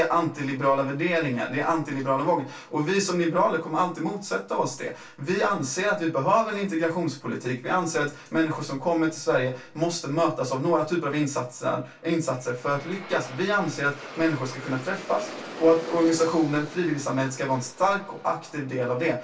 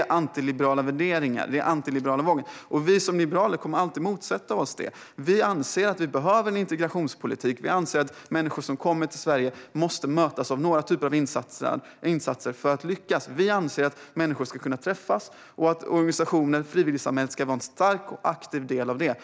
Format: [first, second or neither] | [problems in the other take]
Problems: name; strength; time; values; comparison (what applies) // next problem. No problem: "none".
second | background sound (Aircraft); 20 dB below the speech // room echo; dies away in 0.2 s